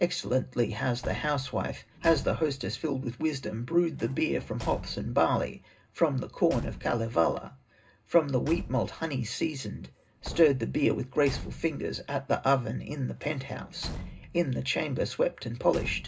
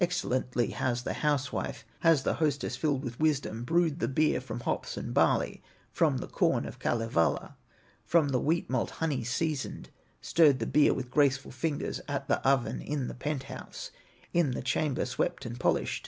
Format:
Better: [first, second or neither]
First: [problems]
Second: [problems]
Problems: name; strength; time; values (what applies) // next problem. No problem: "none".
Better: second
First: background sound (Slam / Truck / Car); 15 dB below the speech // room echo; dies away in 0.2 s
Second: none